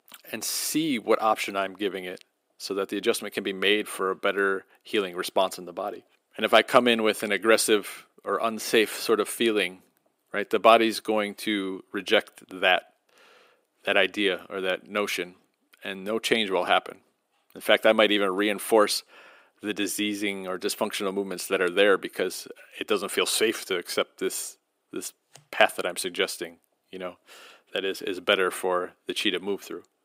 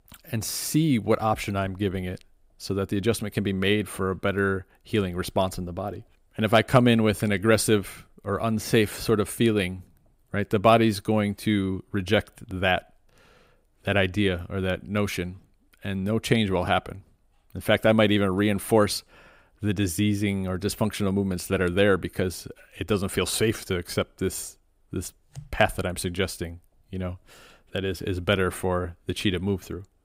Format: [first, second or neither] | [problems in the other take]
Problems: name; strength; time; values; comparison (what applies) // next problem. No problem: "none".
second | thin; somewhat; fading below 300 Hz